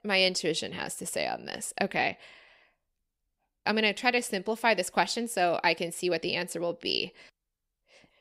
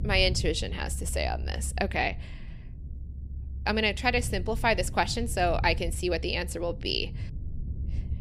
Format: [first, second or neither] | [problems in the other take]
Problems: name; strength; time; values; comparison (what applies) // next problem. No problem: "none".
first | low rumble; faint; throughout; 25 dB below the speech